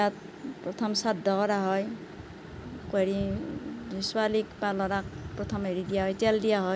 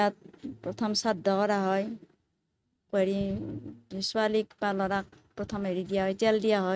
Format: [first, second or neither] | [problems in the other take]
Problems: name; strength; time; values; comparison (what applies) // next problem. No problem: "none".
first | noise reduction (neural mask model RNNoise)